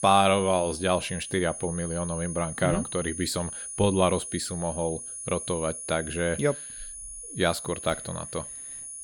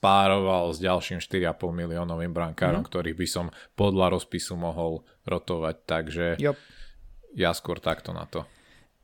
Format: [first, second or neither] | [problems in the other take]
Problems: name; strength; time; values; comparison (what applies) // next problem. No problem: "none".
second | high-pitched whine; loud; throughout; 9.5 kHz, 8 dB below the speech